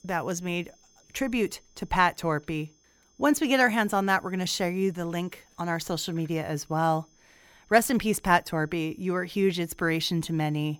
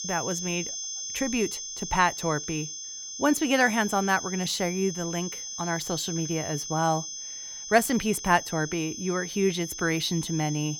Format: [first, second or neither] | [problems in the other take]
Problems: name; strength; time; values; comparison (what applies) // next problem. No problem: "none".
first | high-pitched whine; loud; throughout; 6.5 kHz, 7 dB below the speech; faint in the first